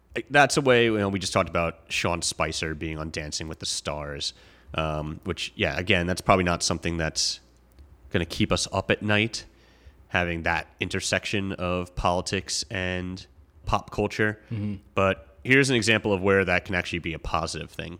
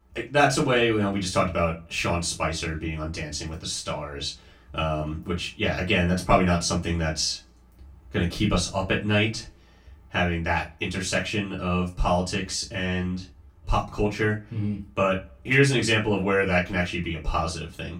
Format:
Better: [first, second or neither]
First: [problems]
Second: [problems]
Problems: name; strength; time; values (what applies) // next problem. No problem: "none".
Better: first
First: none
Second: off-mic speech; far // room echo; very slight; dies away in 0.2 s